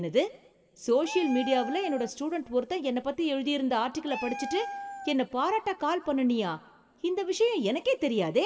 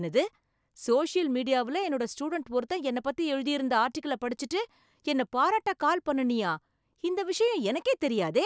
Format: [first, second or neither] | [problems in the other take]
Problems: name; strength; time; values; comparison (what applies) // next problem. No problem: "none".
second | background sound (Meow); 13 dB below the speech // room echo; dies away in 1.5 s